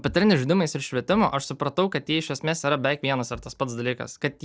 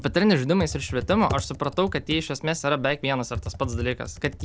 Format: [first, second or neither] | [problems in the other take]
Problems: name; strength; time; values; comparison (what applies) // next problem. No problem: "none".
first | background sound (Computer keyboard); 11 dB below the speech